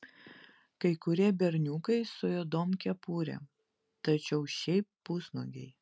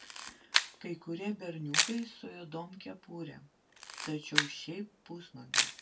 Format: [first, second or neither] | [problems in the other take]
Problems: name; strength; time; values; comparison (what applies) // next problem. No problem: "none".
first | background sound (Camera); 5 dB above the speech // room echo; dies away in 0.2 s